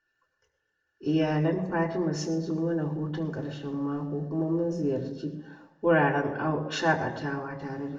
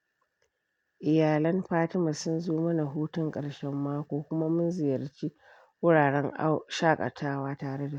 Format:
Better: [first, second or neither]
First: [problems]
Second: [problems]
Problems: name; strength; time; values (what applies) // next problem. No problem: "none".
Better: second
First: room echo; dies away in 0.8 s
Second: none